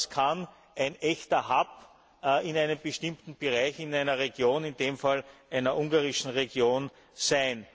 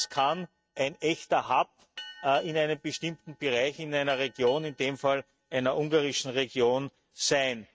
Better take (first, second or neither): first